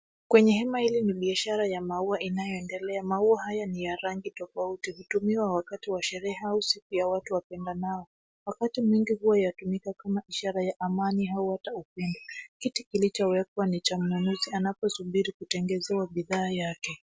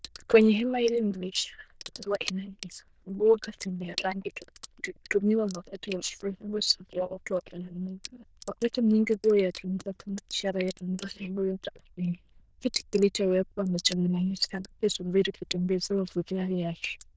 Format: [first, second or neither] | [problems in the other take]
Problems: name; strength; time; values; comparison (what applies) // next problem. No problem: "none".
first | noise reduction (neural diffusion model UNIVERSE++)